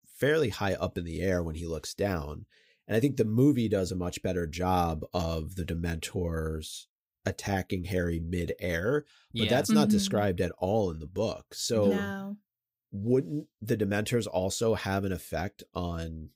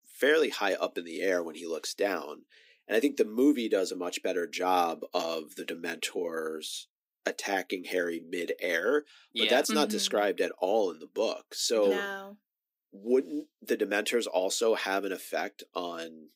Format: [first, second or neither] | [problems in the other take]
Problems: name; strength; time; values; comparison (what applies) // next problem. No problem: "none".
first | thin; somewhat; fading below 250 Hz